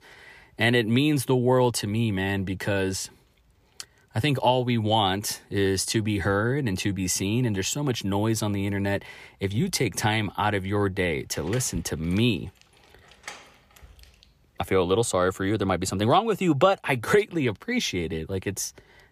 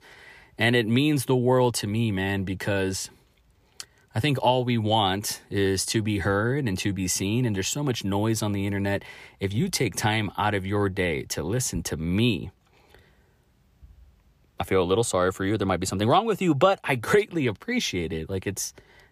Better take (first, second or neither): second